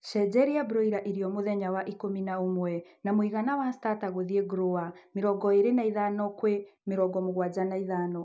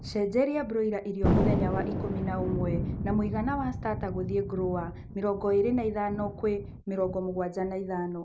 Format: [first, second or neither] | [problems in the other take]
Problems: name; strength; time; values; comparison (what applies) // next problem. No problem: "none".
first | background sound (Thunder); 3 dB below the speech